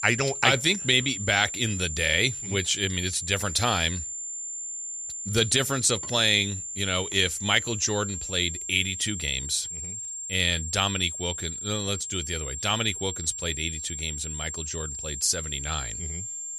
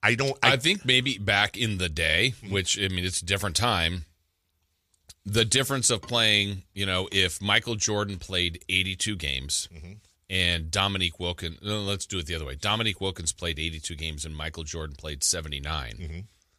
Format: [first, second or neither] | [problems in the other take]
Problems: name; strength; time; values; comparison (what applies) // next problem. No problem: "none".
second | high-pitched whine; loud; throughout; 7 kHz, 7 dB below the speech